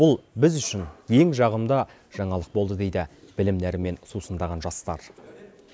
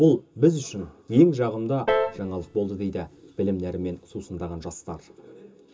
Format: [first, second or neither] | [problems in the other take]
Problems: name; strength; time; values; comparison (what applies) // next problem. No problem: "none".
first | background sound (Piano); 6 dB below the speech // room echo; dies away in 0.2 s